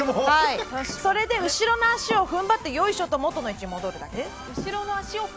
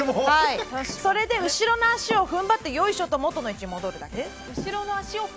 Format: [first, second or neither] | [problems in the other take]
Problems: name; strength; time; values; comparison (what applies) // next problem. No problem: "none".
second | background sound (Motor vehicle (road) / Siren); 18 dB below the speech